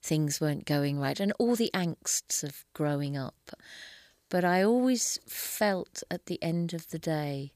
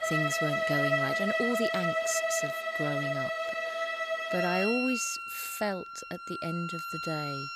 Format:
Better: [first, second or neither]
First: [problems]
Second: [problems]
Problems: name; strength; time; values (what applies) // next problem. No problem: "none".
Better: first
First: none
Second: background music; very loud; throughout; 3 dB above the speech